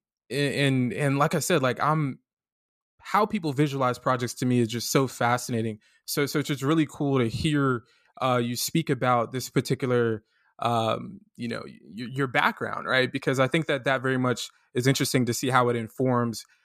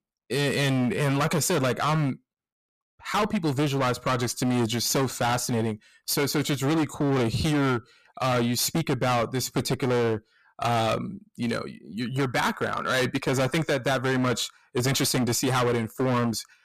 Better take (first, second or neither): first